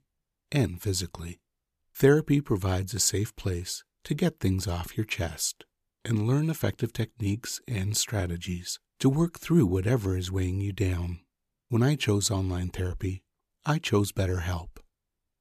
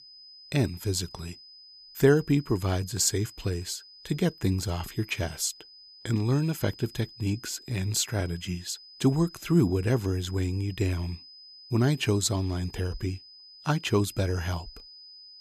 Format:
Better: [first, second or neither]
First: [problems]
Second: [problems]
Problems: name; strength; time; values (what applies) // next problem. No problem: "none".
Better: first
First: none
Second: high-pitched whine; noticeable; throughout; 5 kHz, 20 dB below the speech